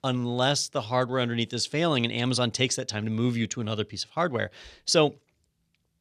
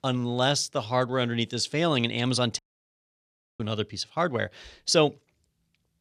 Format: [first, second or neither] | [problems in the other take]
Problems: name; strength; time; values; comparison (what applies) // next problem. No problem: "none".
first | audio cutting out; at 2.5 s for 1 s